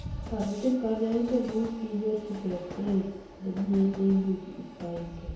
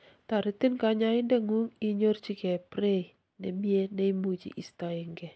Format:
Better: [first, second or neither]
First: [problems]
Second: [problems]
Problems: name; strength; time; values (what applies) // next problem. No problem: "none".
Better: second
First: background sound (Train); 13 dB below the speech // room echo; dies away in 0.9 s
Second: none